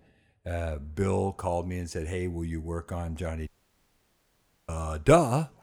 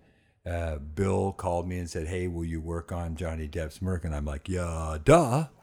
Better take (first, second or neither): second